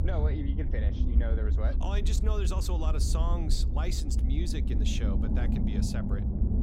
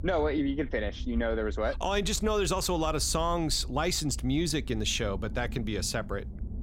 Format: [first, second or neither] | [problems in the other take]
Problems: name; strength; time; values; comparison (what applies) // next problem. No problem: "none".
second | low rumble; loud; throughout; 4 dB below the speech; faint in the second